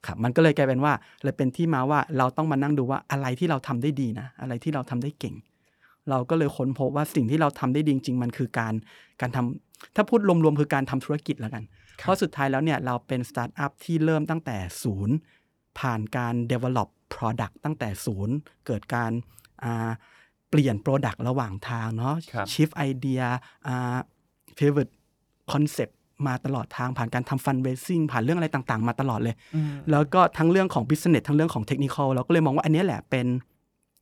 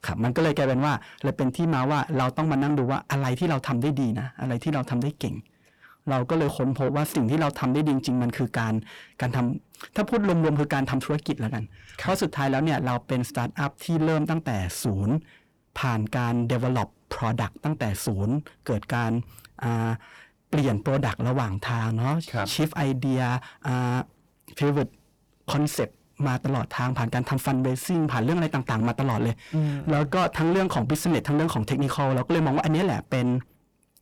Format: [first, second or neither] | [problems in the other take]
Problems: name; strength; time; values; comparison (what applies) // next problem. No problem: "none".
first | distortion; heavy; 7 dB below the speech